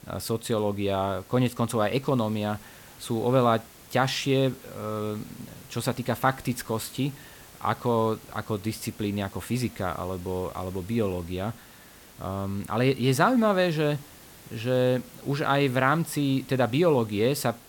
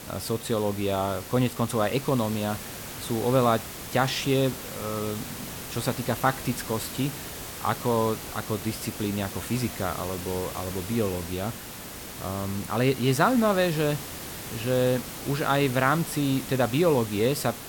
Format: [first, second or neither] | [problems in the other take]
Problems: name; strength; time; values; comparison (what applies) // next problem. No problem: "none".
first | hiss; loud; throughout; 9 dB below the speech; faint in the first